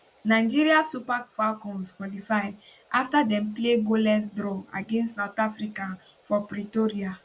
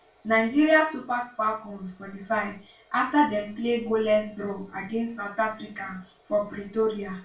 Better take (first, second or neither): first